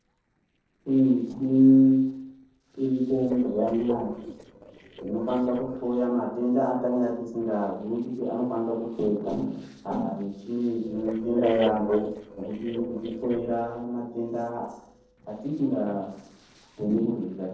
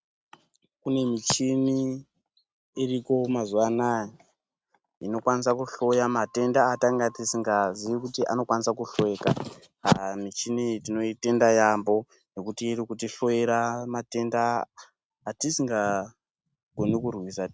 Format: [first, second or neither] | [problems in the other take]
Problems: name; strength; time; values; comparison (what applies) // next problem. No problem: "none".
second | noise reduction (neural separator model SepFormer DNS4)